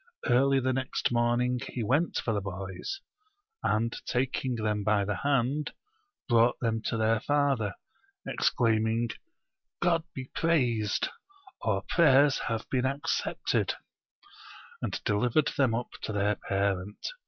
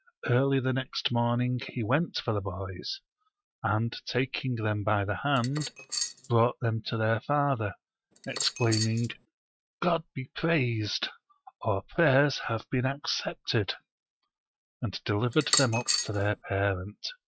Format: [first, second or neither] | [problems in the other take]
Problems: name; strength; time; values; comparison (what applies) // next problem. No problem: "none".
first | noise reduction (neural mask model RNNoise)